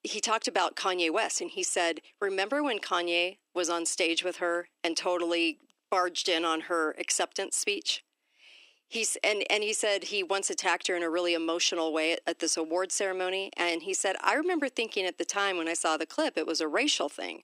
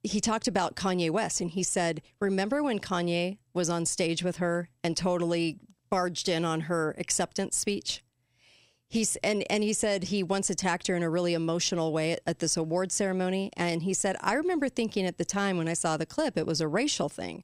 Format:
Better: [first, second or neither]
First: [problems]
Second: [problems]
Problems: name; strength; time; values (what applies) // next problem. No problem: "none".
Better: second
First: thin; somewhat; fading below 300 Hz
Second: none